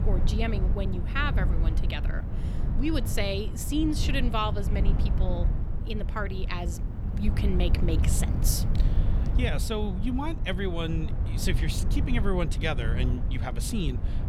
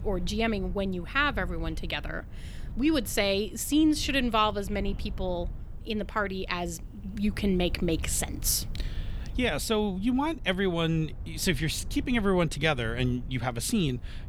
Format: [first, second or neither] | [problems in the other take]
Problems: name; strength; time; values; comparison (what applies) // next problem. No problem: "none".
second | low rumble; loud; throughout; 9 dB below the speech; faint in the second